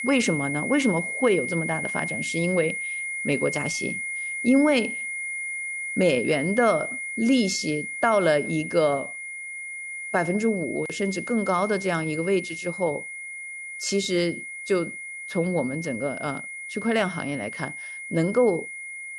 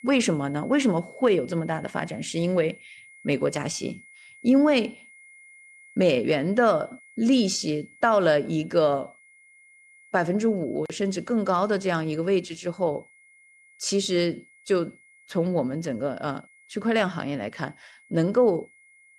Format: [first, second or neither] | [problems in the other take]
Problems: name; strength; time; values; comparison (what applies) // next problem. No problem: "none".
second | high-pitched whine; loud; throughout; 2 kHz, 6 dB below the speech; faint in the second